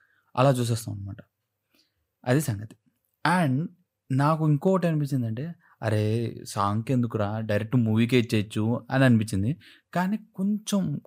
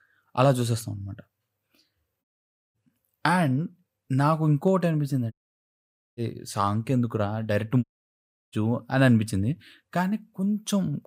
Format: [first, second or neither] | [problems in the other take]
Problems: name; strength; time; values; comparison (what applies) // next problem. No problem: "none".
first | audio cutting out; at 2 s for 0.5 s, at 5.5 s for 1 s and at 8 s for 0.5 s